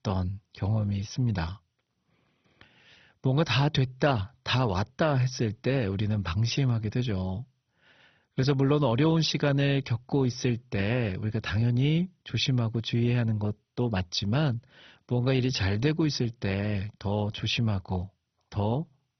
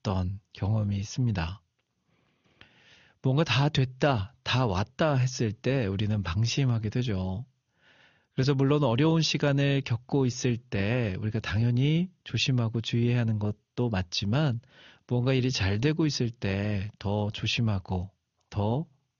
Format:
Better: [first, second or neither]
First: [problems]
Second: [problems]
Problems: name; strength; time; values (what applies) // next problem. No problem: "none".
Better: second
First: garbled, watery; badly; nothing above 6 kHz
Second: garbled, watery; slightly; nothing above 6.5 kHz